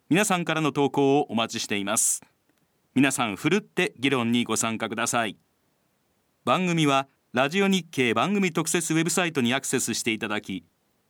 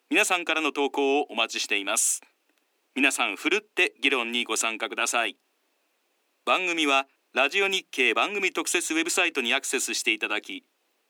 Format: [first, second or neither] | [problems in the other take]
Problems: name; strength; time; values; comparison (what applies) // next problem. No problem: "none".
first | thin; somewhat; fading below 300 Hz